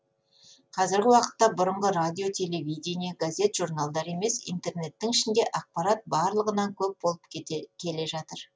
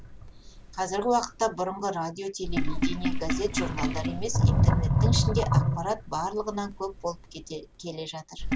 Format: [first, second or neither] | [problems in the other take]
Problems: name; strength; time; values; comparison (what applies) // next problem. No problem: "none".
first | background sound (Sink (filling or washing)); 4 dB above the speech